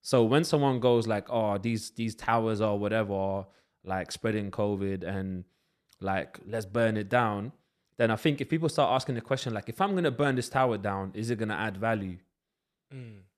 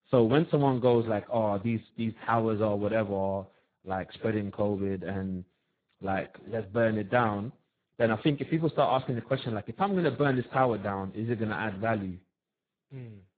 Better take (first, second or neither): first